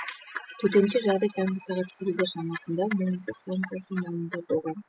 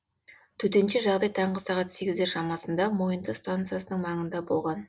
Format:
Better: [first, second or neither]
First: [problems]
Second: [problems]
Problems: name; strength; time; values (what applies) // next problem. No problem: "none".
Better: second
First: noise reduction (classical method spectral subtraction)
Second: none